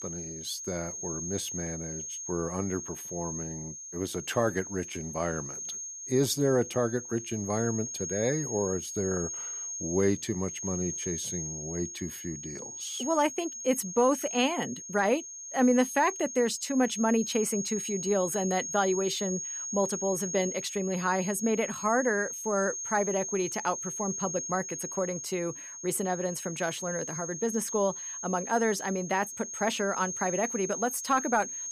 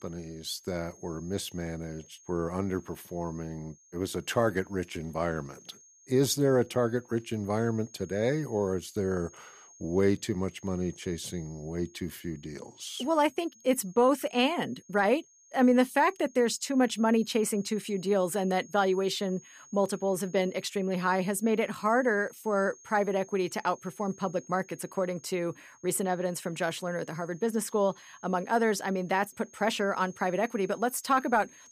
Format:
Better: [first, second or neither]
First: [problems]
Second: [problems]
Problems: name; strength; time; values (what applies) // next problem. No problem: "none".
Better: second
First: high-pitched whine; loud; throughout; 6.5 kHz, 5 dB below the speech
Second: high-pitched whine; faint; throughout; 6.5 kHz, 25 dB below the speech